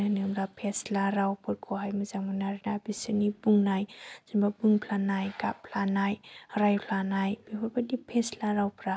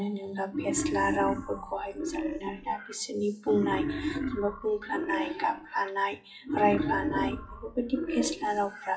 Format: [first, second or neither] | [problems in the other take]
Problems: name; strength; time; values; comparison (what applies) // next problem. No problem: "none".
first | noise reduction (classical method WPE with log-MMSE)